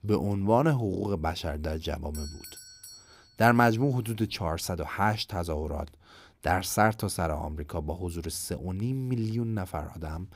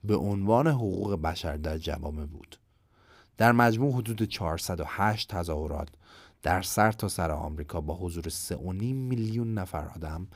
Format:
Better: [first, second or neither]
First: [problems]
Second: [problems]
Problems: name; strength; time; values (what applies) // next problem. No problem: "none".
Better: second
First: doorbell; faint; from 2 to 3.5 s; peak 15 dB below the speech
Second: none